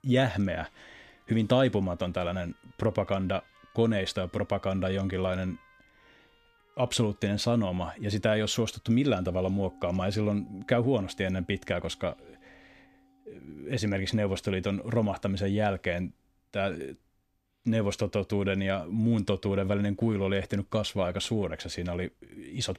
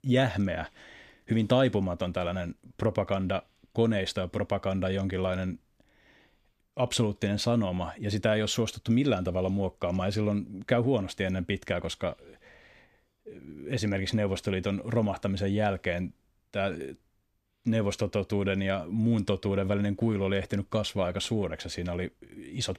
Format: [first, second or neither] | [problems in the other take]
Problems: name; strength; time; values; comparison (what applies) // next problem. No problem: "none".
second | background music; faint; throughout; 30 dB below the speech